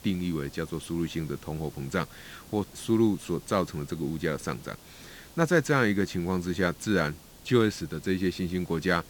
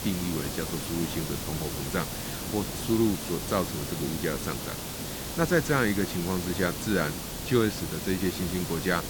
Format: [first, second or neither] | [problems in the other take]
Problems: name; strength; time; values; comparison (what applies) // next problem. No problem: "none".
first | hiss; loud; throughout; 4 dB below the speech; faint in the first